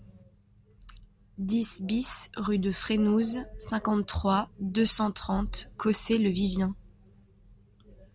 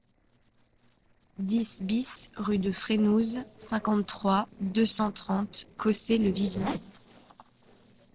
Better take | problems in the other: first | noise reduction (neural separator model SepFormer DNS4)

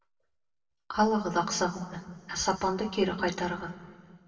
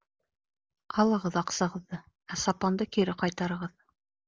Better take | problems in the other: second | room echo; dies away in 1.2 s

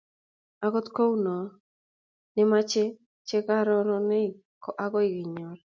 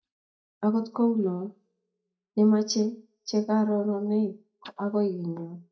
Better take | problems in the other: first | noise reduction (neural mask model DeepFilterNet 3)

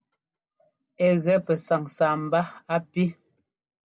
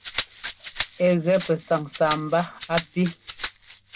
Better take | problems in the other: first | background sound (Rattle (instrument)); 11 dB below the speech

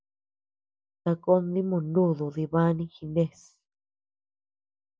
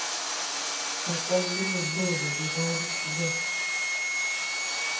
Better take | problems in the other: first | background sound (Sawing); 4 dB above the speech // room echo; dies away in 0.6 s

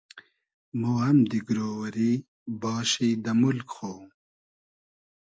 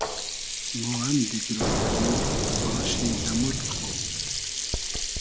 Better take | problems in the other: first | background sound (Sink (filling or washing) + Explosion); 4 dB above the speech

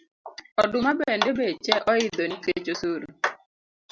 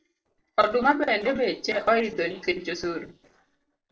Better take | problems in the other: first | noise reduction (neural separator model SepFormer DNS4)

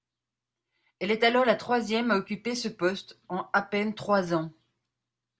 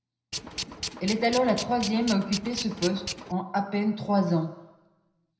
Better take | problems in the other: first | background sound (Tools); 8 dB below the speech // room echo; dies away in 0.8 s

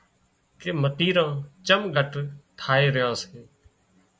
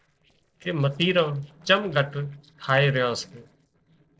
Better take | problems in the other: first | noise reduction (neural separator model SepFormer DNS4)

